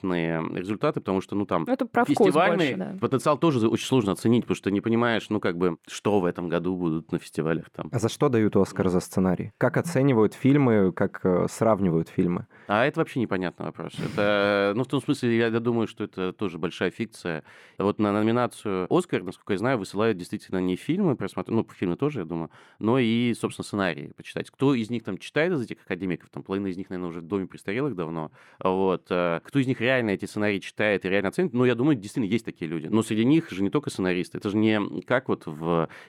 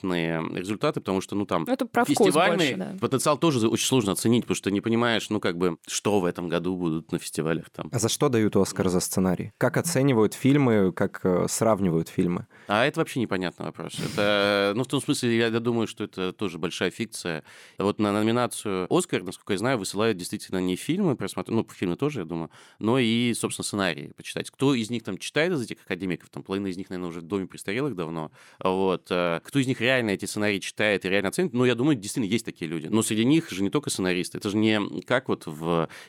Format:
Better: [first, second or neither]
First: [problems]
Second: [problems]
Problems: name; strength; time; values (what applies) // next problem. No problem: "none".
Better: second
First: muffled; slightly; fading above 3 kHz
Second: none